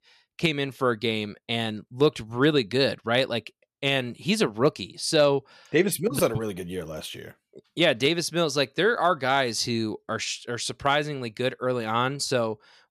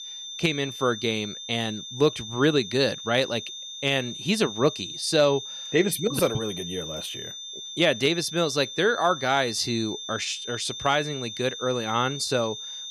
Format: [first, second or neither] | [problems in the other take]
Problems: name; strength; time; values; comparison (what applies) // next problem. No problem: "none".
first | high-pitched whine; loud; throughout; 3.5 kHz, 9 dB below the speech